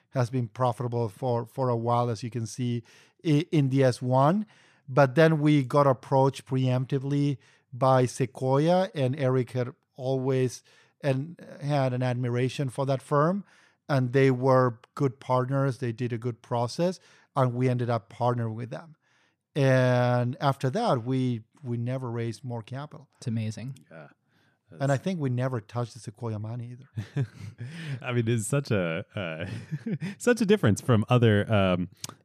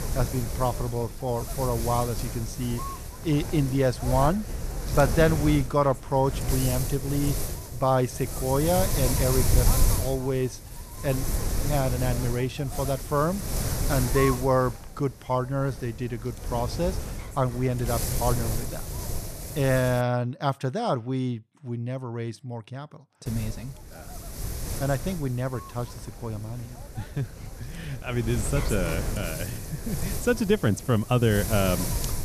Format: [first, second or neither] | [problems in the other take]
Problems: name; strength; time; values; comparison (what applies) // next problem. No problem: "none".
first | wind noise on the microphone; heavy; until 20 s and from 23 s on; 8 dB below the speech